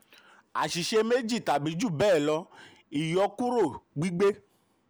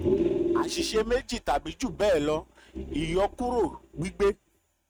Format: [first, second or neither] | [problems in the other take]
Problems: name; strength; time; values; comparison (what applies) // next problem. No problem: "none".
first | noise reduction (neural mask model RNNoise)